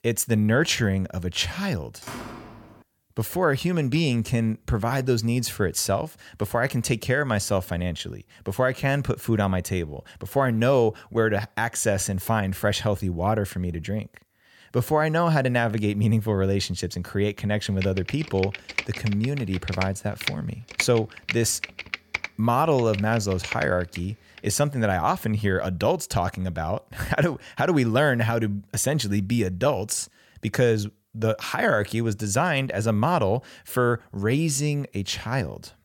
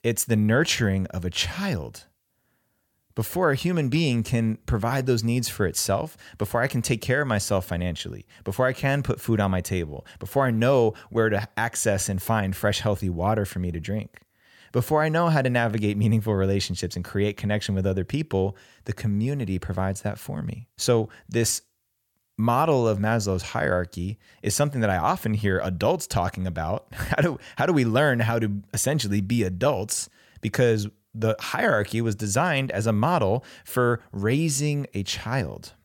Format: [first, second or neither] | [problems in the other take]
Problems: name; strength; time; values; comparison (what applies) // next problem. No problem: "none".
second | door banging; faint; at 2 s; peak 10 dB below the speech // keyboard typing; noticeable; from 18 to 24 s; peak 4 dB below the speech